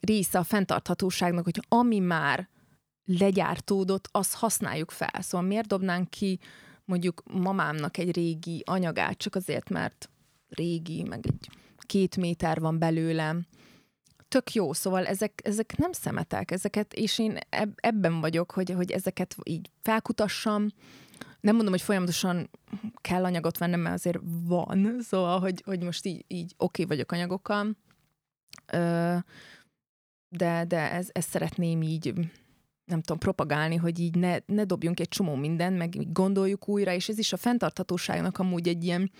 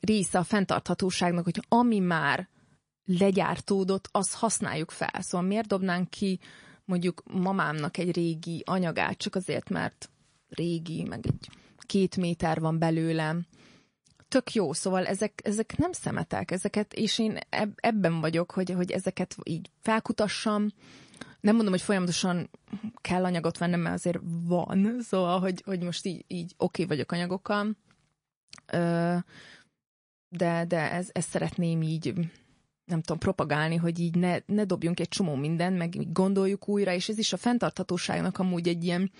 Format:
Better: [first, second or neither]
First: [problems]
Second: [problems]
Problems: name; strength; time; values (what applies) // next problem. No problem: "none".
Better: first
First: none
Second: garbled, watery; slightly; nothing above 10.5 kHz